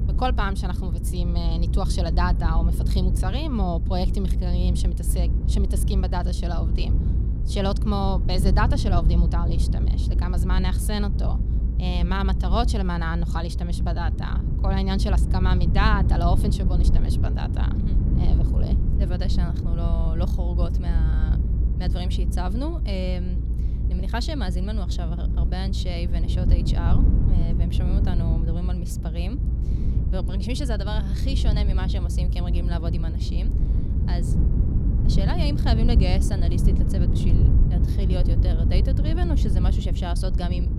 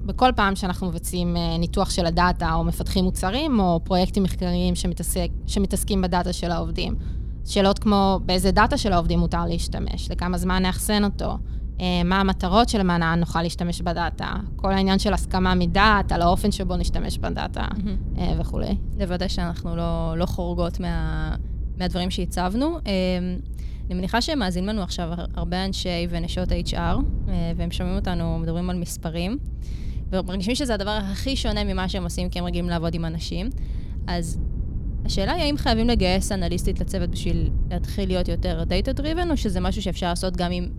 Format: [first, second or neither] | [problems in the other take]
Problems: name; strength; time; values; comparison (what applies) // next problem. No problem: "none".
second | low rumble; loud; throughout; 6 dB below the speech; faint in the second